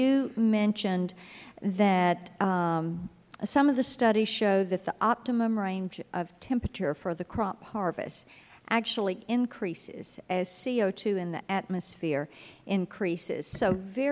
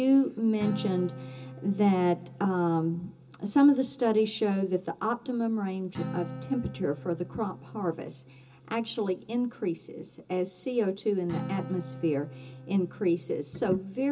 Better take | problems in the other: first | background sound (Acoustic guitar); 14 dB below the speech // room echo; dies away in 0.2 s

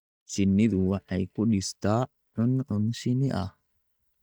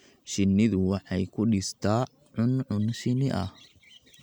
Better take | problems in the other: second | noise reduction (neural mask model DeepFilterNet 3)

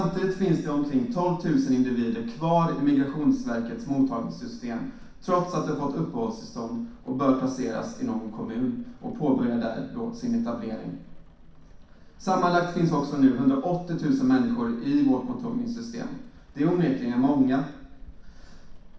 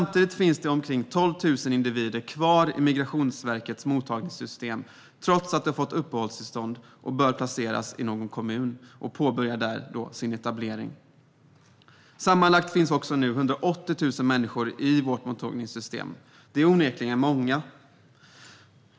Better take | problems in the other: second | background sound (Rain); 19 dB below the speech // room echo; dies away in 0.6 s

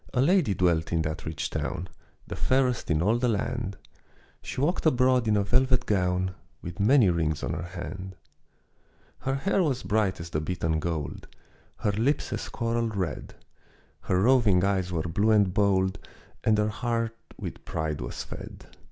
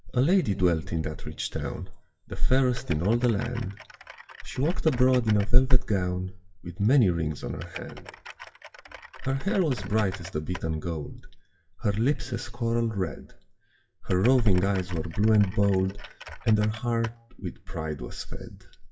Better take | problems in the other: first | noise reduction (classical method WPE with log-MMSE)

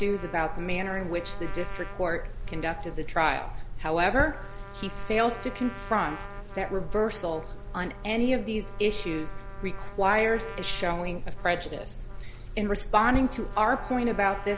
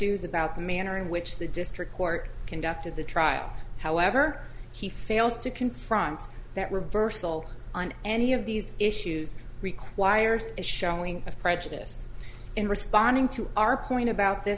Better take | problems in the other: second | background sound (Sink (filling or washing) / Water tap, faucet + Trumpet); 14 dB below the speech

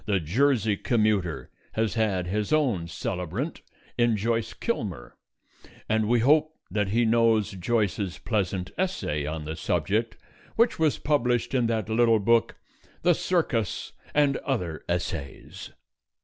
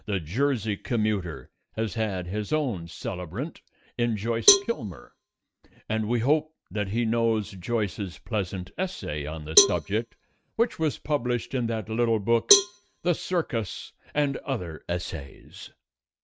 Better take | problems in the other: first | noise reduction (neural mask model RNNoise)

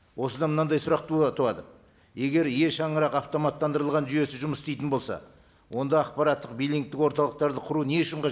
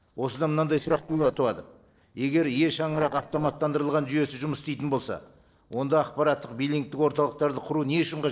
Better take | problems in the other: first | noise reduction (neural separator model SepFormer DNS4)

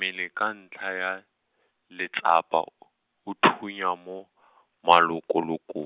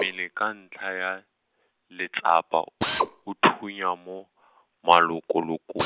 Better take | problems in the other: first | background sound (Drill); 10 dB below the speech

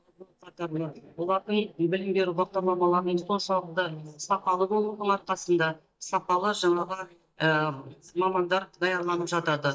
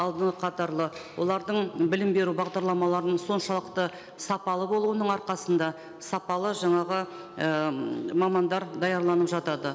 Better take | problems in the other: second | noise reduction (neural mask model DeepFilterNet 3)

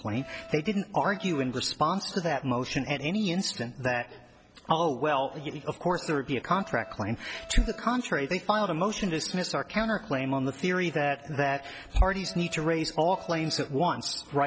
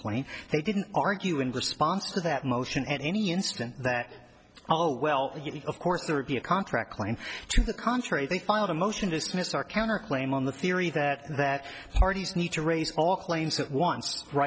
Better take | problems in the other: second | background sound (Alarm); 20 dB below the speech

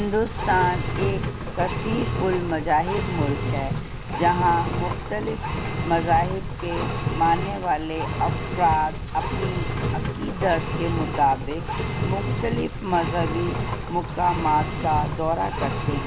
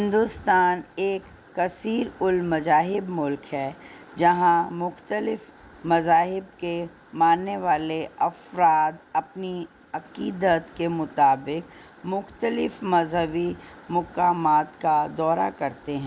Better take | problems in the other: second | background sound (Engine); 2 dB below the speech

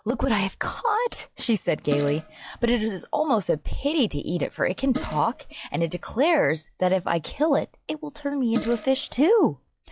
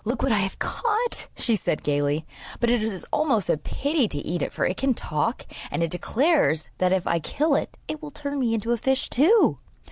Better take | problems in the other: second | noise reduction (classical method log-MMSE)

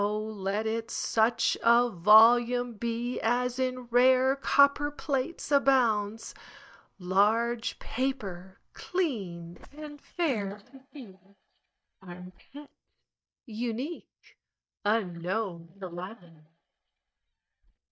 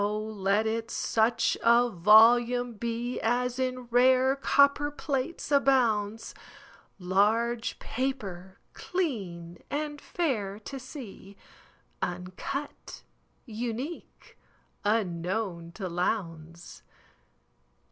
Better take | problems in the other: second | noise reduction (neural mask model DeepFilterNet 3)

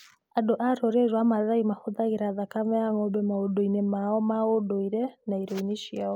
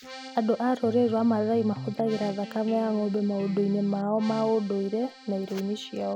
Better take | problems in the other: first | background sound (Accordion + Electric guitar); 15 dB below the speech

